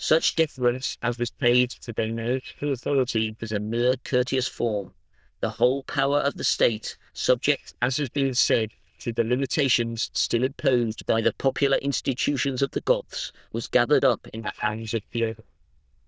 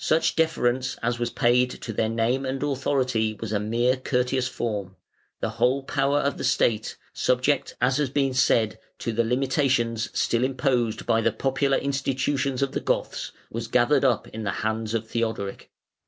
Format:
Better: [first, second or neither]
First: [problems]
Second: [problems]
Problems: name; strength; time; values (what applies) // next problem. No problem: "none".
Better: second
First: noise reduction (neural diffusion model UNIVERSE++)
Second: none